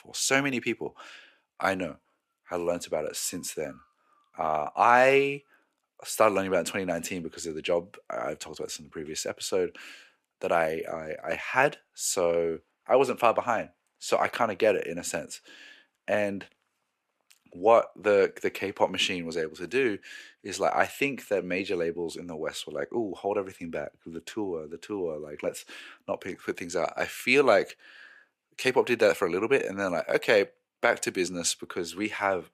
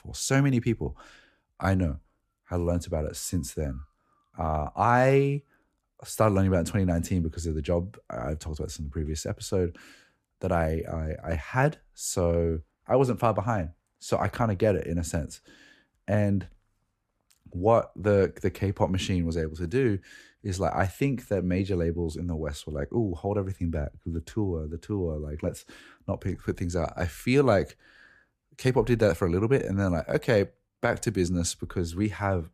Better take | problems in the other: second | thin; somewhat; fading below 400 Hz

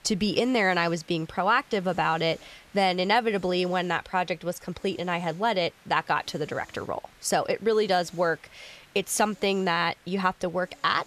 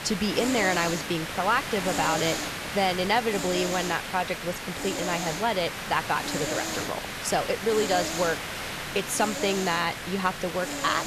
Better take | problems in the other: first | hiss; loud; throughout; 4 dB below the speech; faint in the first

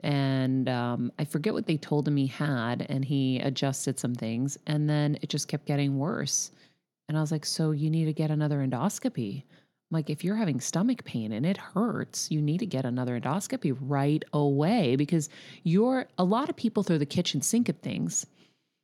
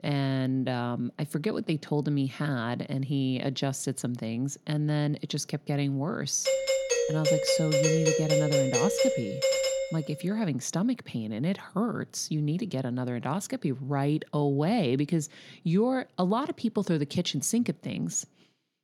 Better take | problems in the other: first | doorbell; loud; from 6.5 to 10 s; peak 5 dB above the speech

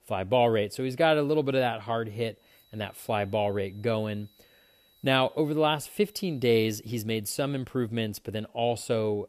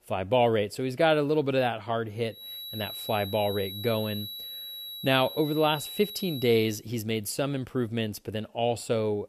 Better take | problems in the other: first | high-pitched whine; loud; from 2.5 to 6.5 s; 4 kHz, 9 dB below the speech; faint in the first

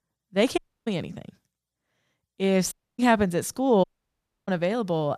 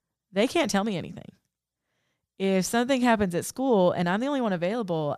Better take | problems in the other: second | audio cutting out; at 0.5 s, at 2.5 s and at 4 s for 0.5 s

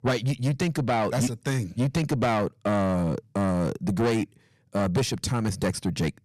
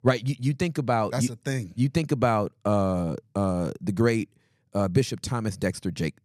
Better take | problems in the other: second | distortion; heavy; 7 dB below the speech

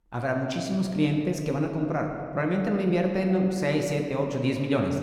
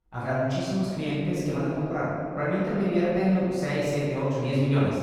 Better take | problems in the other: first | room echo; strong; dies away in 2.2 s; slight in the first // off-mic speech; far

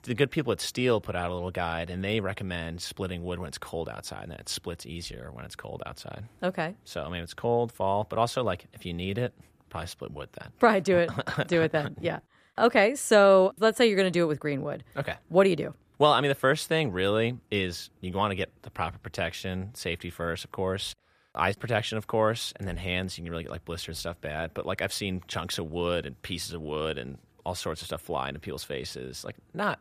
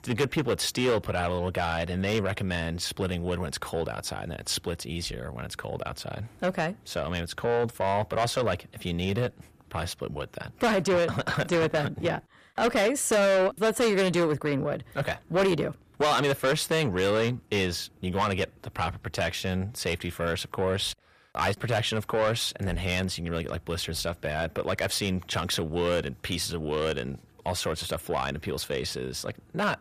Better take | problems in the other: first | distortion; heavy; 6 dB below the speech

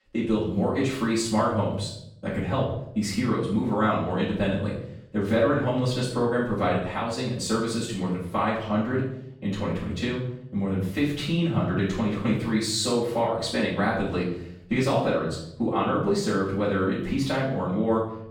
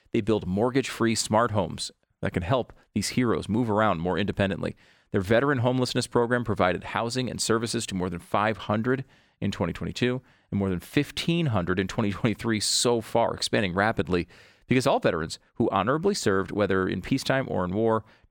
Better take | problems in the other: second | off-mic speech; far // room echo; noticeable; dies away in 0.7 s

